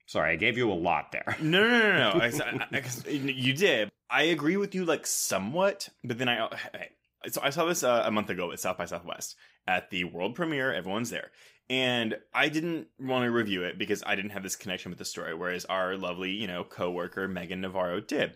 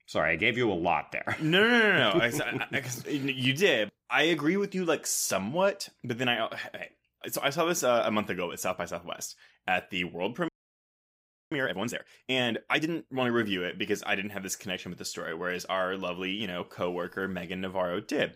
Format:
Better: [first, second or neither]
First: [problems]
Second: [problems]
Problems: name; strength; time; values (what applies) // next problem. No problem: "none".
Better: first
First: none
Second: audio freezing; at 10 s for 1 s